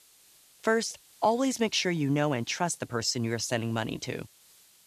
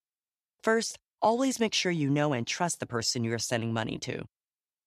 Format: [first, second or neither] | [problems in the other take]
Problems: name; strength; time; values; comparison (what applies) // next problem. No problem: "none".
second | hiss; faint; throughout; 25 dB below the speech